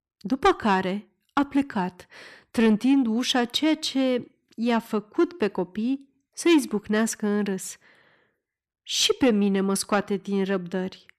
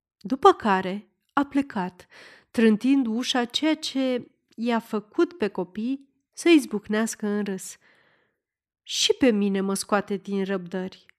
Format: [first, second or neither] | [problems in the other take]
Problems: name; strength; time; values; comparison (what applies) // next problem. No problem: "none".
second | distortion; slight; 10 dB below the speech